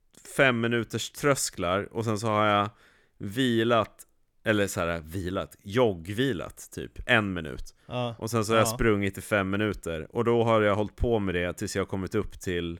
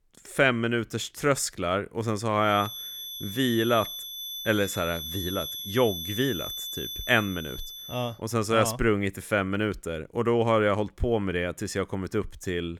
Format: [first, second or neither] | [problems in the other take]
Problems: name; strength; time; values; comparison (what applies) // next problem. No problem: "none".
first | high-pitched whine; loud; from 2.5 to 8 s; 3.5 kHz, 7 dB below the speech